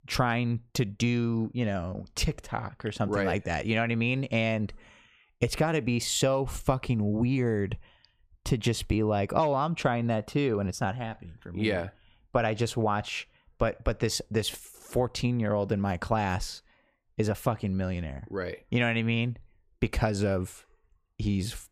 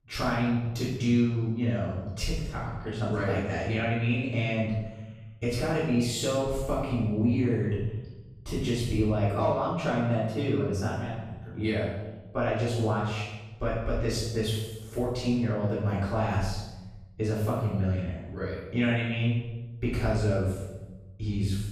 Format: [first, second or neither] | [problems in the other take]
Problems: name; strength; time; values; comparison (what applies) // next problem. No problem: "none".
first | off-mic speech; far // room echo; strong; dies away in 1 s